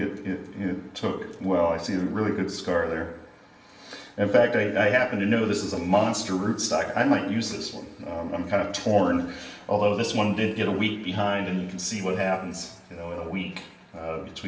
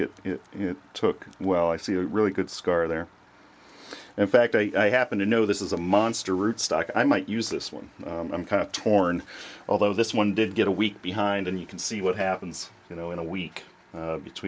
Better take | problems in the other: second | room echo; dies away in 0.9 s

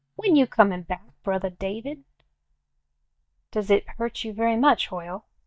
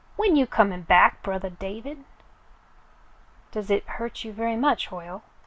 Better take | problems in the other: second | noise reduction (neural mask model DeepFilterNet 3)

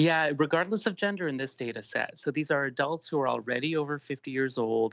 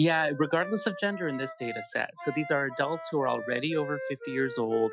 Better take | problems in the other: first | noise reduction (classical method Wiener filter)

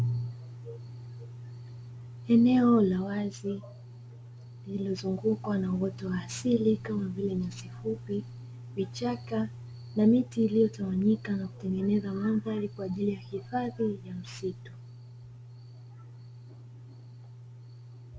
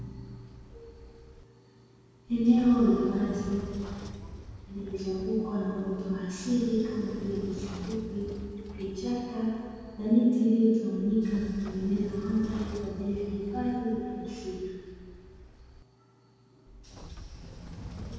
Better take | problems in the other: first | background sound (Sliding door / Train); 15 dB below the speech // room echo; dies away in 2 s

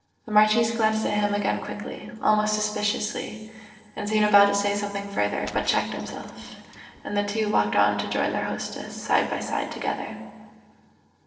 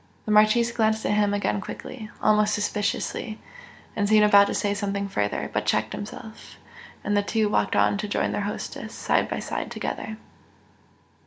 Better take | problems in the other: second | noise reduction (neural separator model SepFormer DNS4)

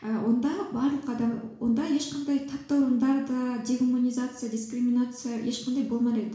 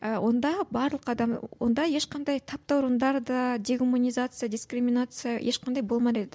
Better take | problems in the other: second | room echo; dies away in 0.7 s

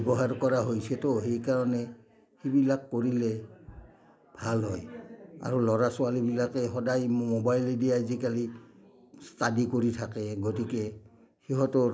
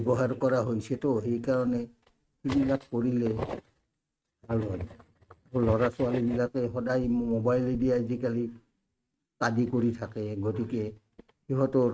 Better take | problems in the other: first | noise reduction (neural mask model RNNoise)

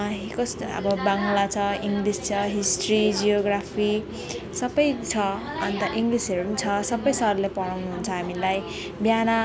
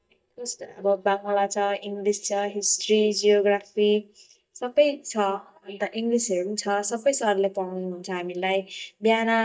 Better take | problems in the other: first | noise reduction (neural mask model DeepFilterNet 3)

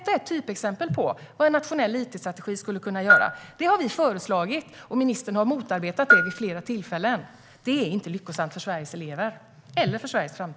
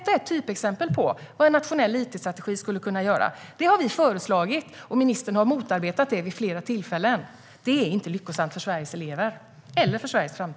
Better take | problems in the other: second | background sound (Bell); as loud as the speech

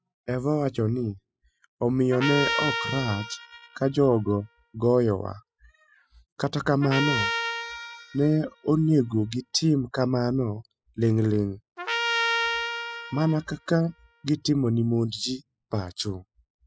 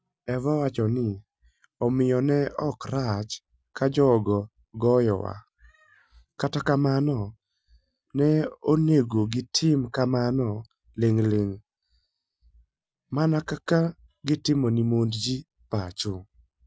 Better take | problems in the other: second | noise reduction (classical method spectral subtraction)

